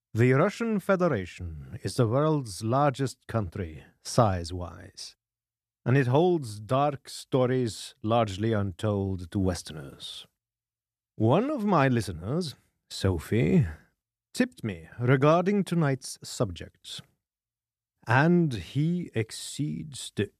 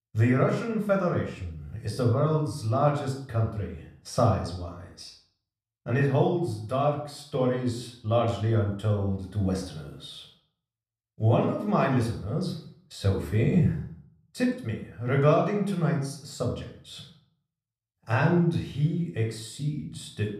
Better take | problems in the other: first | off-mic speech; somewhat distant // room echo; slight; dies away in 0.5 s

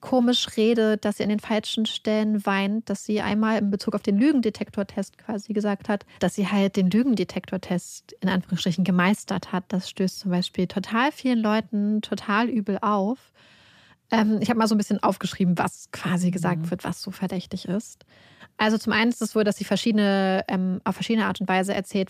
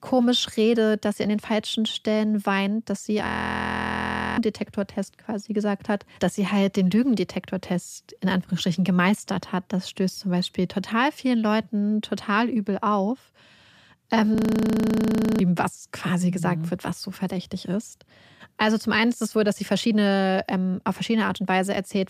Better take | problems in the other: first | audio freezing; at 3.5 s for 1 s and at 14 s for 1 s

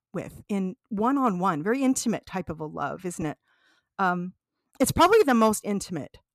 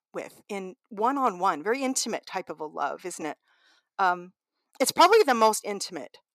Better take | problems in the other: first | thin; somewhat; fading below 400 Hz

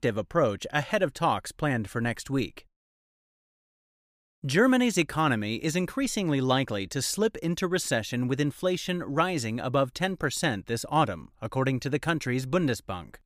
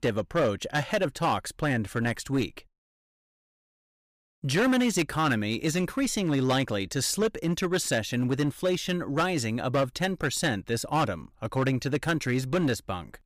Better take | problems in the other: first | distortion; slight; 6% of the sound clipped

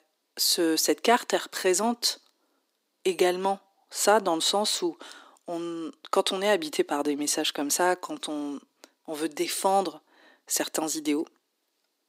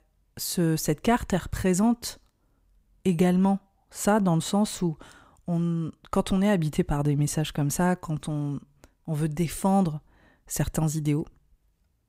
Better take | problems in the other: second | thin; somewhat; fading below 300 Hz

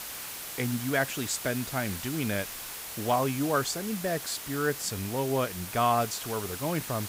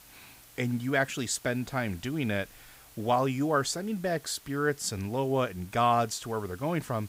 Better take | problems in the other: second | hiss; loud; throughout; 7 dB below the speech; faint in the second

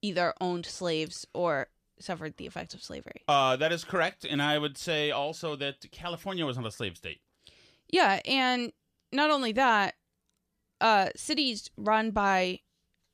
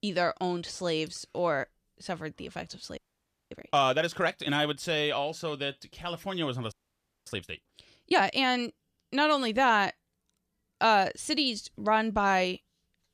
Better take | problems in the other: first | audio freezing; at 3 s for 0.5 s and at 6.5 s for 0.5 s

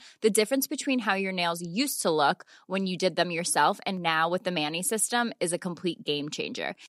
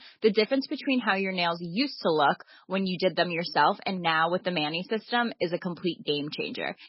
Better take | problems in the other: first | garbled, watery; badly; nothing above 5.5 kHz

